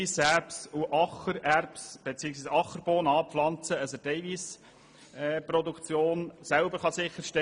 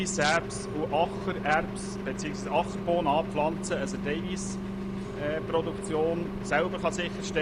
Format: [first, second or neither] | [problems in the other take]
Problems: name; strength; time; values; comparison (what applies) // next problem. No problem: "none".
first | background sound (Engine); 4 dB below the speech